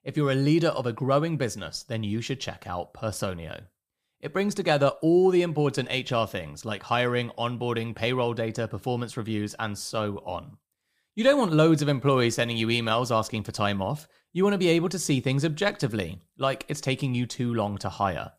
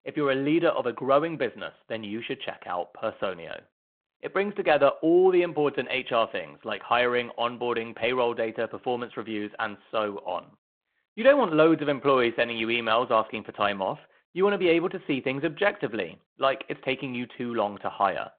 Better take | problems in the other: first | phone-call audio

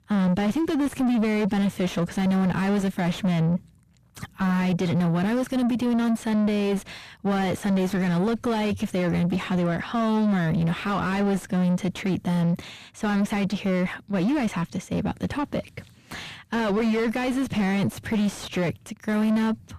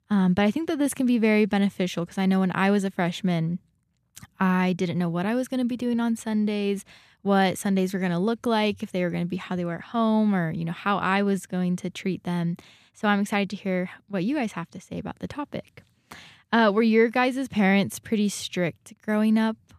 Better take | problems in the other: second | distortion; heavy; 6 dB below the speech

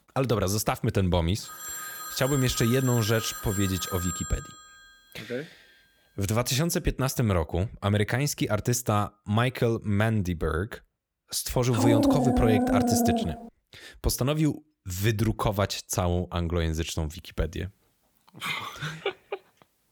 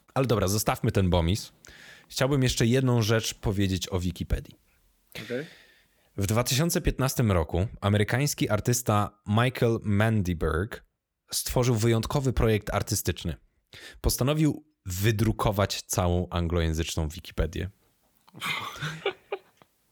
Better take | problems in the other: second | phone ringing; noticeable; from 1.5 to 5 s; peak 5 dB below the speech // dog barking; loud; from 12 to 13 s; peak 5 dB above the speech

